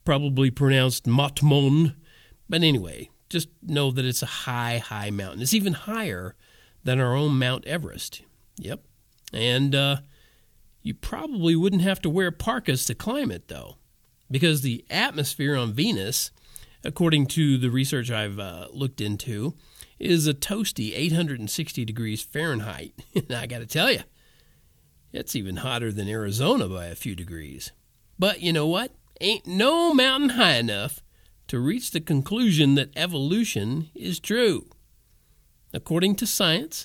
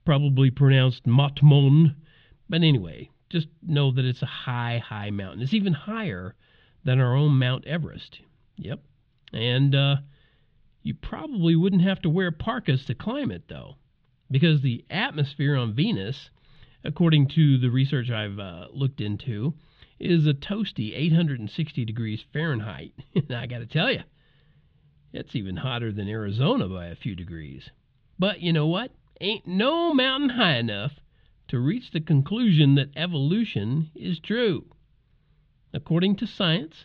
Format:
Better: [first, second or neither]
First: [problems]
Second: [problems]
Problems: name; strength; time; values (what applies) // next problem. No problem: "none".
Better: first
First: none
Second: muffled; slightly; fading above 3.5 kHz